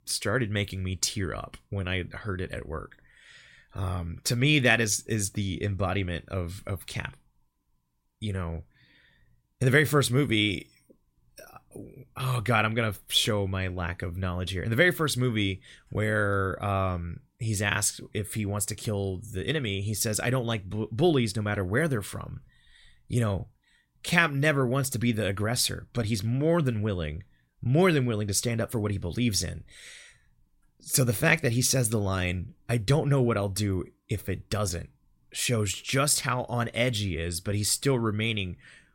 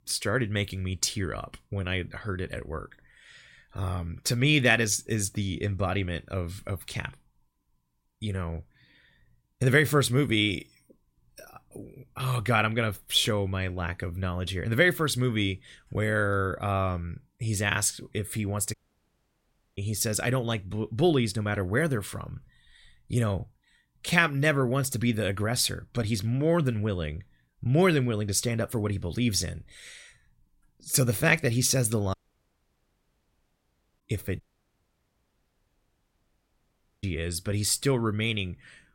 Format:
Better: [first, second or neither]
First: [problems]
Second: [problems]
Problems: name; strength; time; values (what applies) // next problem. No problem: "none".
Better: first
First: none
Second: audio cutting out; at 19 s for 1 s, at 32 s for 2 s and at 34 s for 2.5 s